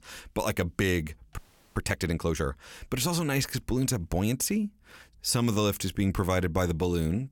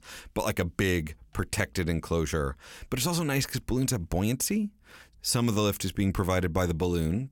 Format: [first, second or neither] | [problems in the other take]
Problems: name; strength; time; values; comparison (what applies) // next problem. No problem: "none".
second | audio freezing; at 1.5 s